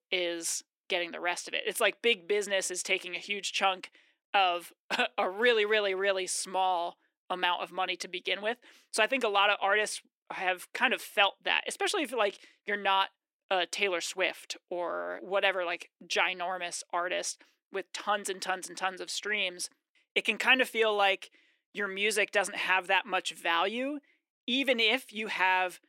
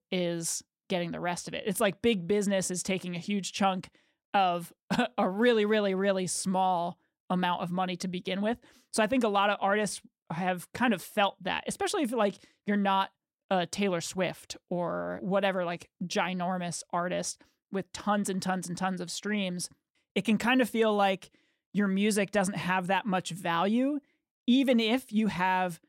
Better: second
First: thin; somewhat; fading below 350 Hz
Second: none

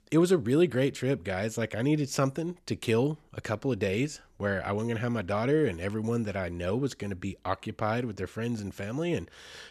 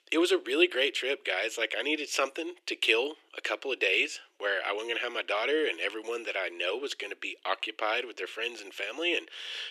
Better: first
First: none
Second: thin; very; fading below 350 Hz

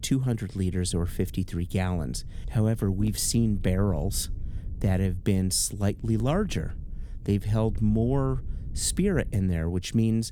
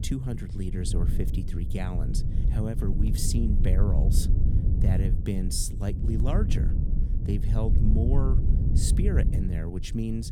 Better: first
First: low rumble; faint; throughout; 25 dB below the speech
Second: low rumble; loud; throughout; 5 dB below the speech

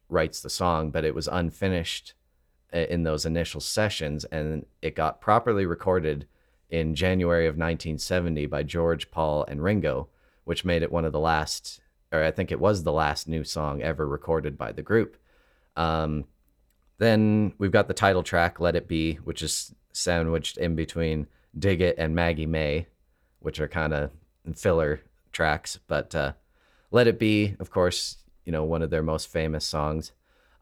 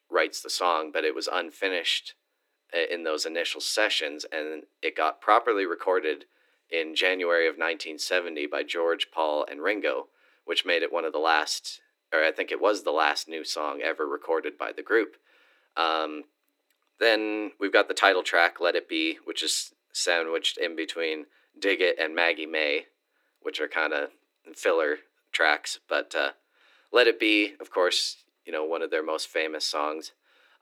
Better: first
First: none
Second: thin; very; fading below 300 Hz

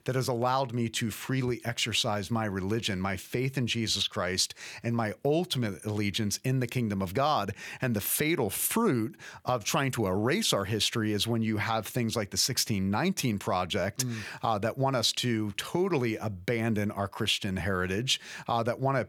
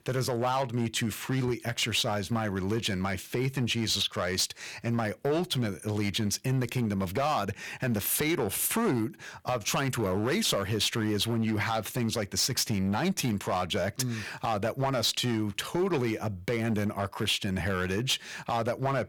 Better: first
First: none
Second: distortion; slight; 8% of the sound clipped

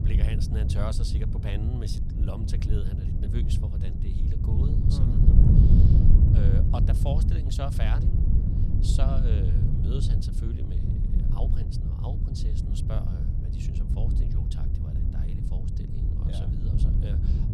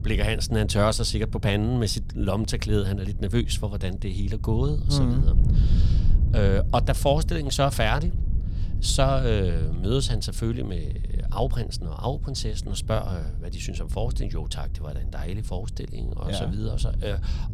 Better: second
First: wind noise on the microphone; heavy; 2 dB above the speech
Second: wind noise on the microphone; occasional gusts; 15 dB below the speech

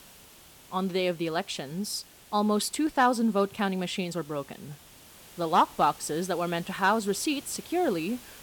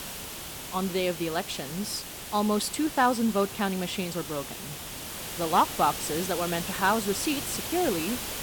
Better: first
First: hiss; faint; throughout; 20 dB below the speech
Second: hiss; loud; throughout; 7 dB below the speech

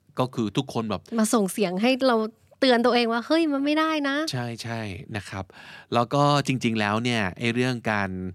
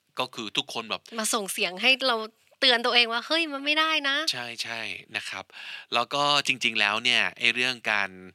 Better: first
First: none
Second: thin; somewhat; fading below 1 kHz

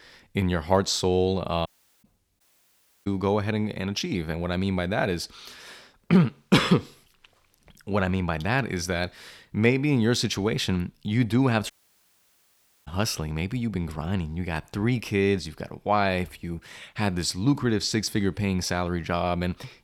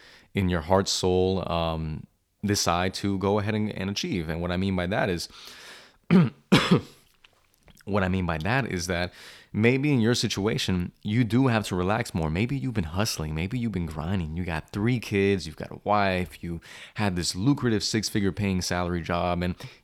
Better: second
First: audio cutting out; at 1.5 s, at 2.5 s for 0.5 s and at 12 s for 1 s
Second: none

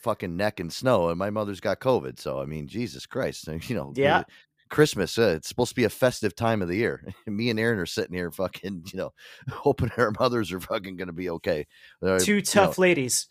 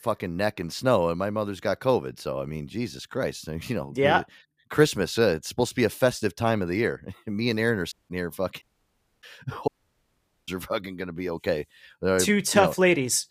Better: first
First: none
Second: audio cutting out; at 8 s, at 8.5 s for 0.5 s and at 9.5 s for 1 s

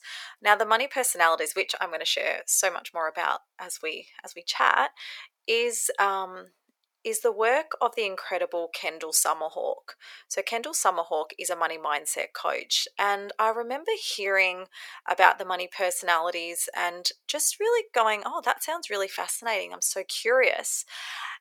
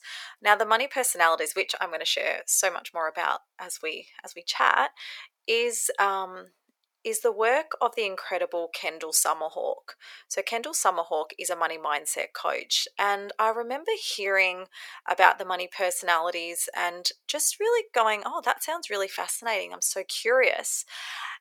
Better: neither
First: thin; very; fading below 450 Hz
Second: thin; very; fading below 450 Hz

